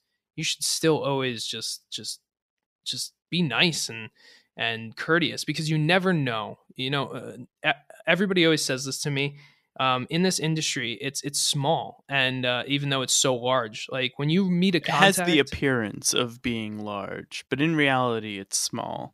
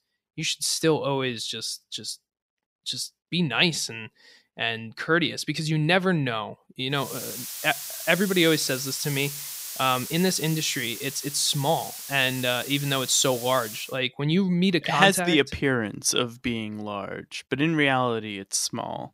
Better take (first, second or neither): first